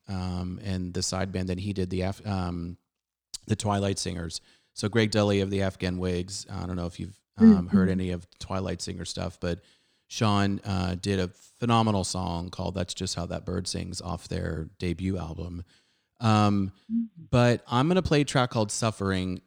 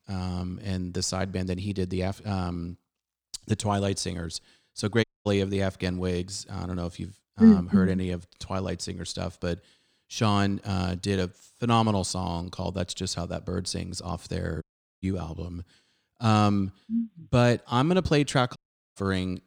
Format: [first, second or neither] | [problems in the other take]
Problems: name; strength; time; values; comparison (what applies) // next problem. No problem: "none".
first | audio cutting out; at 5 s, at 15 s and at 19 s